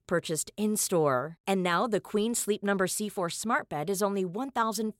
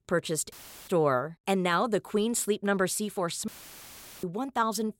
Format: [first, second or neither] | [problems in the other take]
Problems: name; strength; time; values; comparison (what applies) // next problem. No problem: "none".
first | audio cutting out; filled with static; at 0.5 s and at 3.5 s for 1 s